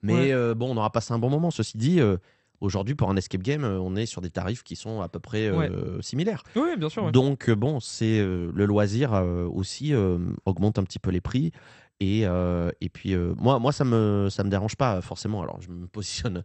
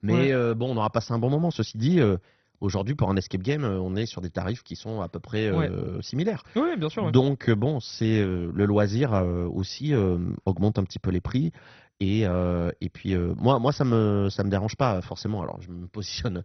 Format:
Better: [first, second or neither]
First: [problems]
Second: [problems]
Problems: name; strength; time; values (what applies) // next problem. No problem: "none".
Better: first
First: garbled, watery; slightly; nothing above 8.5 kHz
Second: garbled, watery; badly; nothing above 6 kHz